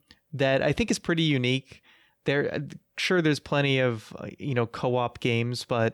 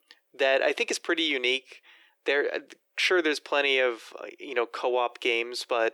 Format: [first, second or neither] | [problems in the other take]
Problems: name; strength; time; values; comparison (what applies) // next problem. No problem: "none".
first | thin; very; fading below 350 Hz